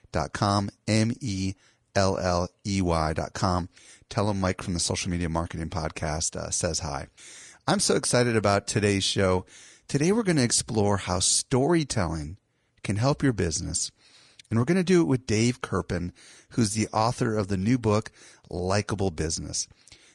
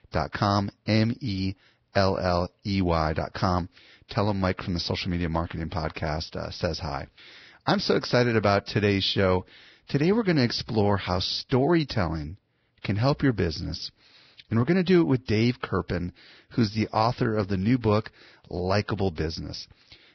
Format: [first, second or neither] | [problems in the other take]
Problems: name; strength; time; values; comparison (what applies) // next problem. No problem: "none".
first | garbled, watery; badly; nothing above 5.5 kHz; slightly in the first